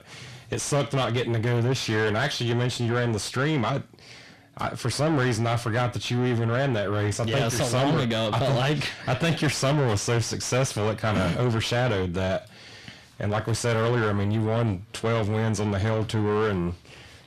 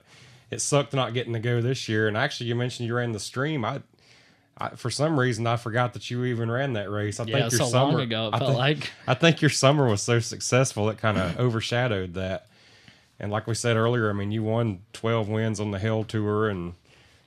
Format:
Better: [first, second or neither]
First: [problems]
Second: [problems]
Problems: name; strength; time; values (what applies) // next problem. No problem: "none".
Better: second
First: distortion; heavy; 6 dB below the speech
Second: none